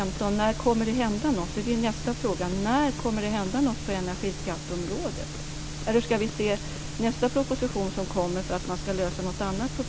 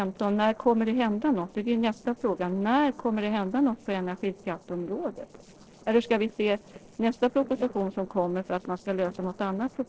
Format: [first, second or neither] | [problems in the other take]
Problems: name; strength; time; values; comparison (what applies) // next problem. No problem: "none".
first | noise reduction (neural separator model SepFormer DNS4)